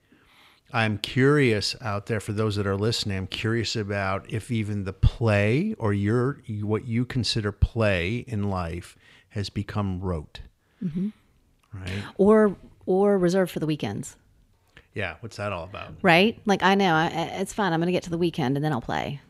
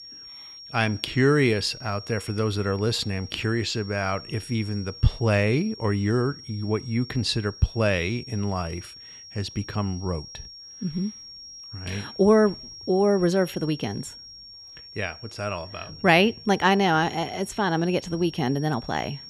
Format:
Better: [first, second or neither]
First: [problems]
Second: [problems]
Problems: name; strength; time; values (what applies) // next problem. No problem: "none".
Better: first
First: none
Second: high-pitched whine; noticeable; throughout; 5.5 kHz, 15 dB below the speech